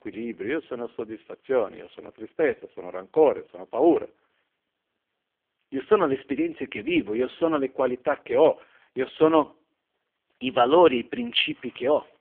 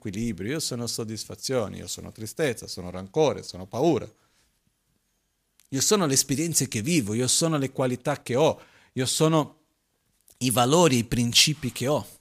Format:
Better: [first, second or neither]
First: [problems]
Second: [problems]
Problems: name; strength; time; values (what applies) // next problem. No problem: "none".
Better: second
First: phone-call audio; poor line; nothing above 3.5 kHz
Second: none